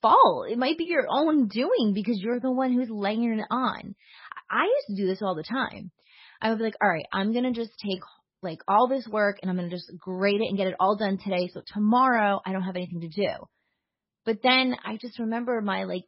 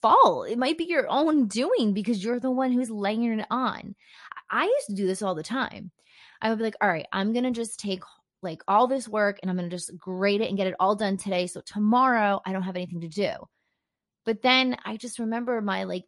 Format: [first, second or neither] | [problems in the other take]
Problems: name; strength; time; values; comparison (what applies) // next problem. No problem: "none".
second | garbled, watery; badly; nothing above 5.5 kHz; slightly in the second